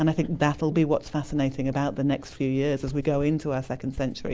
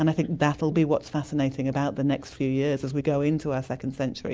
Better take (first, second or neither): second